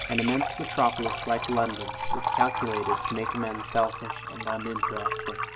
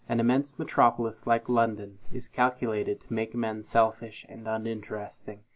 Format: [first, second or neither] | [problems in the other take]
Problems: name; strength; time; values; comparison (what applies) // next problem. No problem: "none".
second | background sound (Liquid); 1 dB below the speech